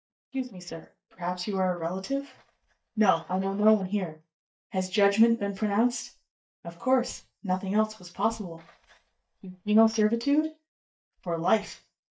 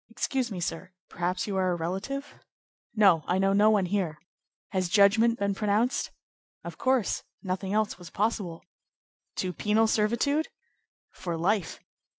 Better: second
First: noise reduction (neural mask model DeepFilterNet 3)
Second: none

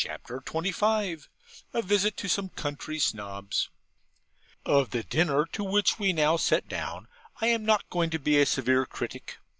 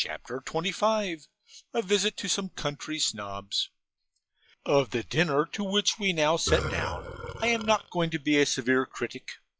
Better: first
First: none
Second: noise reduction (classical method log-MMSE)

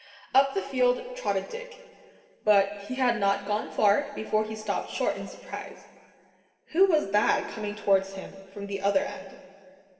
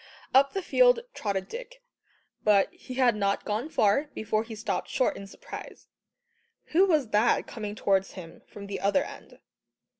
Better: second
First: room echo; dies away in 2.1 s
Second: none

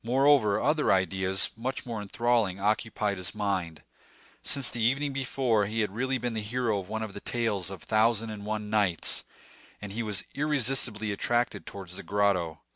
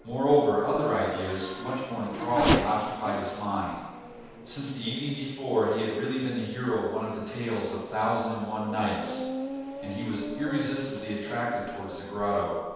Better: first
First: none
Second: background sound (Race car, auto racing / Accelerating, revving, vroom); 7 dB below the speech // room echo; dies away in 1.2 s

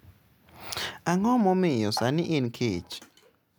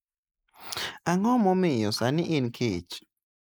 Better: first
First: none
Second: noise reduction (neural mask model Resemble Enhance denoiser)

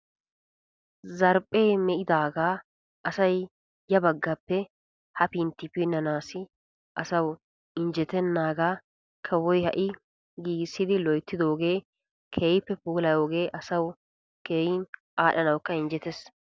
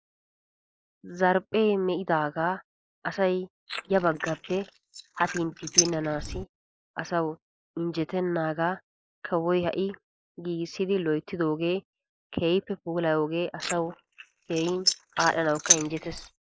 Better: first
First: none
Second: noise reduction (neural mask model Resemble Enhance denoiser)

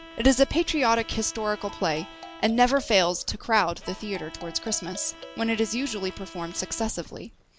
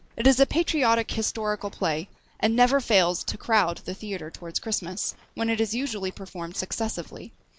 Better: second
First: background sound (Bowed string instrument + Marimba, xylophone); 18 dB below the speech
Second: none

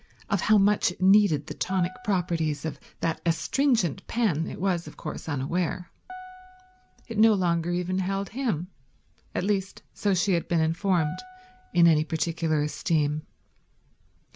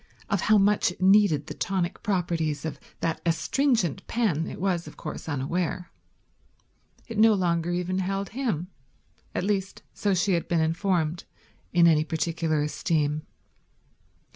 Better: second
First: background sound (Piano); 19 dB below the speech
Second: none

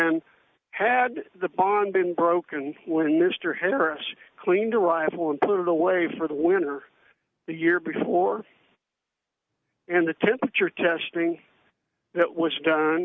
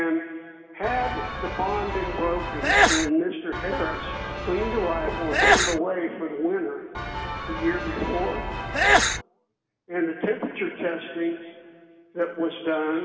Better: first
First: none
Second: background sound (Sneeze / Church bell); 3 dB above the speech // room echo; dies away in 2.3 s

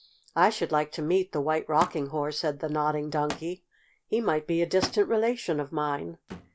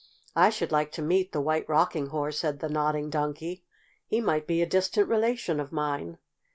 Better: second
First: background sound (Thump, thud); 16 dB below the speech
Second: none

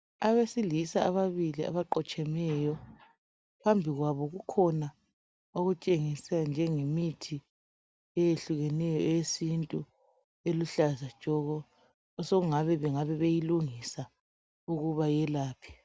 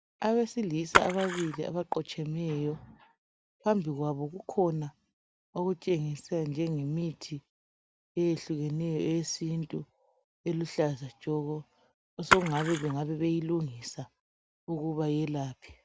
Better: first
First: none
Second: background sound (Splash, splatter); as loud as the speech

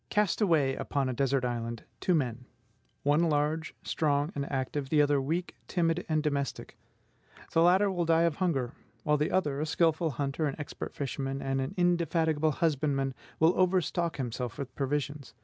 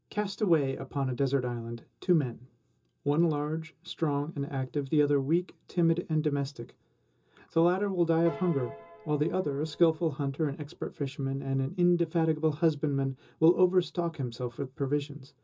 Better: first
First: none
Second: background sound (Piano); 17 dB below the speech // room echo; dies away in 0.2 s

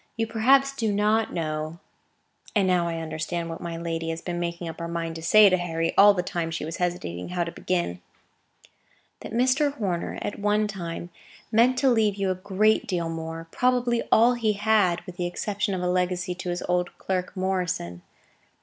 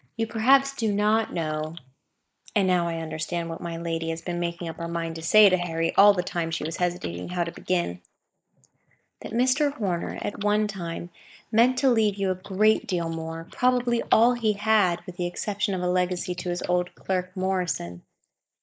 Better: first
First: none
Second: noise reduction (neural mask model Resemble Enhance denoiser)

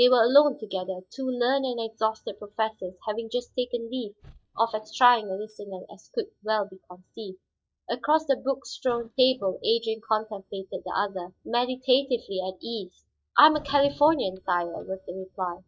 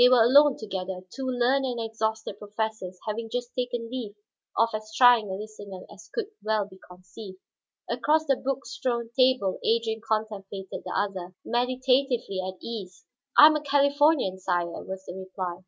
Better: second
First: noise reduction (neural mask model DeepFilterNet 3)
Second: none

